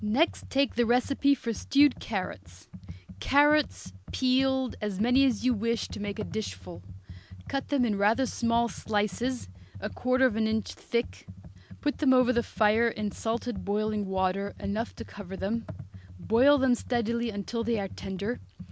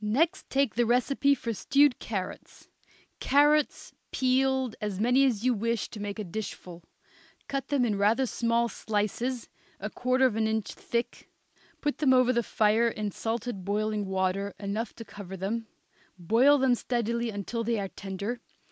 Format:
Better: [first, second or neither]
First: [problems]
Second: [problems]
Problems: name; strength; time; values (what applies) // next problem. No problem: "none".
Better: second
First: background sound (Computer keyboard); 15 dB below the speech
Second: none